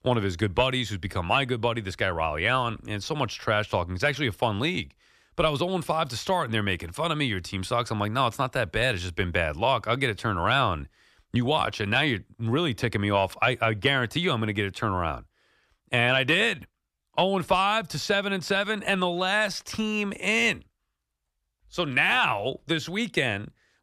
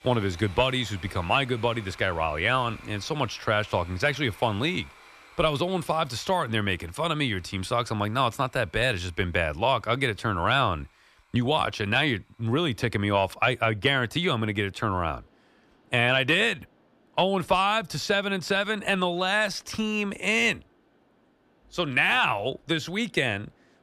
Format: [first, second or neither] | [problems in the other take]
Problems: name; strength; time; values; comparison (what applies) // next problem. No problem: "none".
first | machinery noise; faint; throughout; 25 dB below the speech